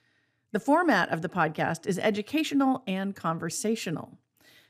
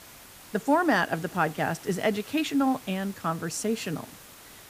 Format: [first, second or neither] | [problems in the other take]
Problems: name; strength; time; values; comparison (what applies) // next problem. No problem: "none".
first | hiss; noticeable; throughout; 20 dB below the speech